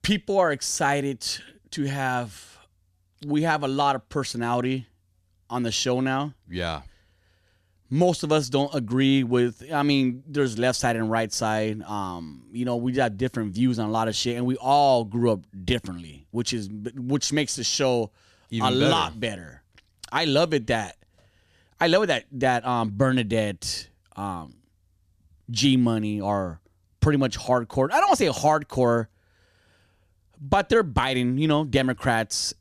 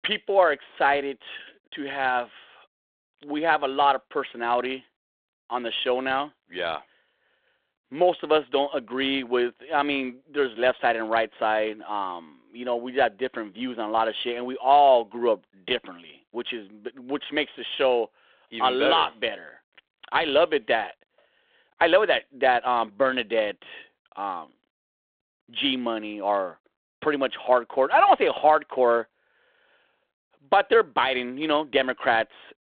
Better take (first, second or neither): first